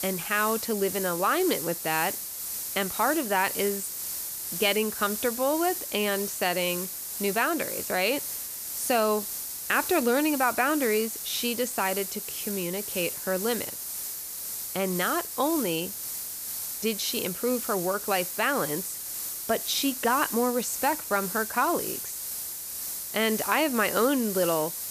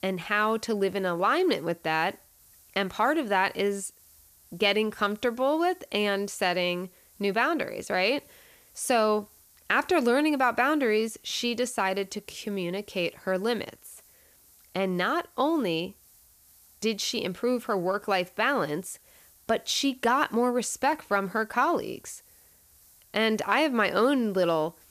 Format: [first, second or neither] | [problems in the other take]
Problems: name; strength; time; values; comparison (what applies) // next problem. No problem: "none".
second | hiss; loud; throughout; 4 dB below the speech; faint in the second